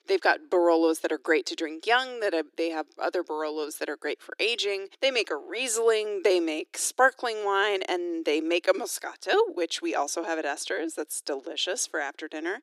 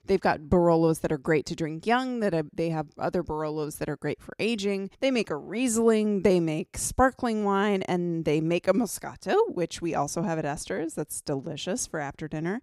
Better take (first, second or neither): second